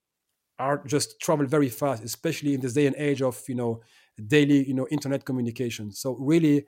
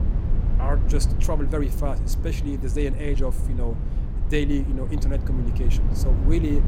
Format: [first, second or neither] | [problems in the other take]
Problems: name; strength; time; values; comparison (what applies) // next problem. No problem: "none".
first | low rumble; loud; throughout; 8 dB below the speech